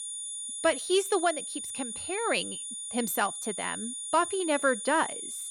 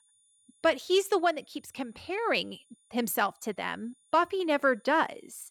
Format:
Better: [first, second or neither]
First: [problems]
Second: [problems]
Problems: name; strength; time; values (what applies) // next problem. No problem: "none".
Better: second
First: high-pitched whine; loud; throughout; 9.5 kHz, 5 dB below the speech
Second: high-pitched whine; faint; throughout; 9.5 kHz, 35 dB below the speech